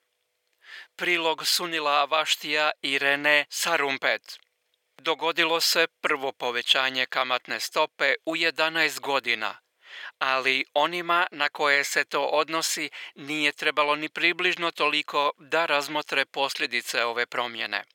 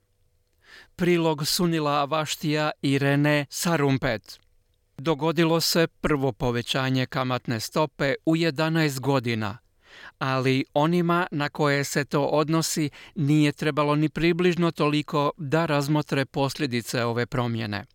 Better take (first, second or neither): second